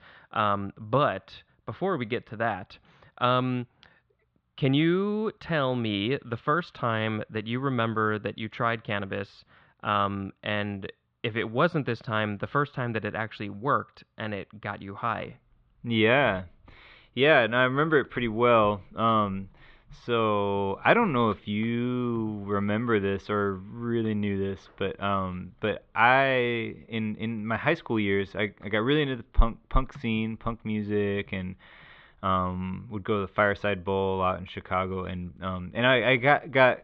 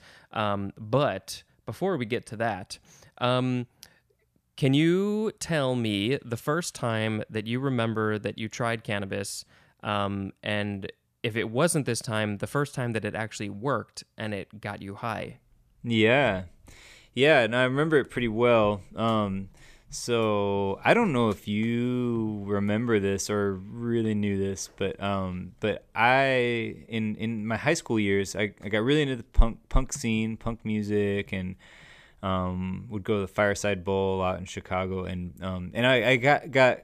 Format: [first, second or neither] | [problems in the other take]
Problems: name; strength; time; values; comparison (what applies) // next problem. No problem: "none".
second | muffled; very; fading above 3.5 kHz